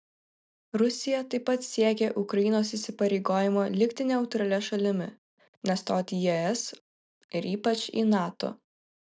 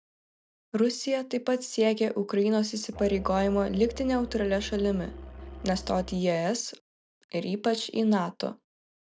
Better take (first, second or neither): first